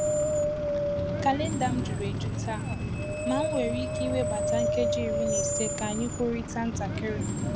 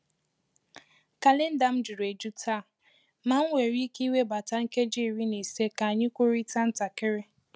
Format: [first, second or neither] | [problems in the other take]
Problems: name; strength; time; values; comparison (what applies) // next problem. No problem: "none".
second | background sound (Screech + Wind); 4 dB above the speech